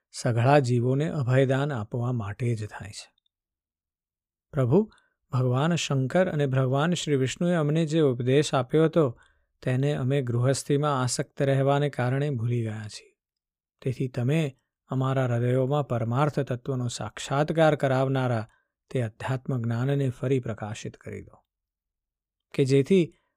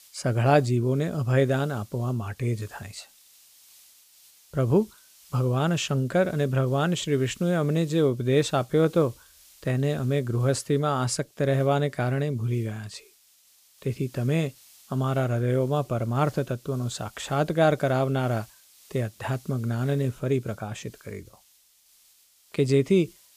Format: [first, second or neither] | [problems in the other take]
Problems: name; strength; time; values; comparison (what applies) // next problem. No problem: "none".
first | hiss; faint; throughout; 25 dB below the speech